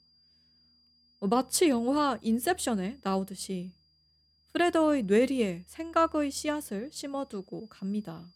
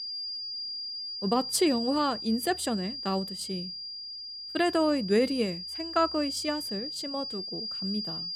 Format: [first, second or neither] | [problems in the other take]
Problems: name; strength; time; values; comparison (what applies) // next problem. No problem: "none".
first | high-pitched whine; loud; throughout; 5 kHz, 5 dB below the speech; faint in the first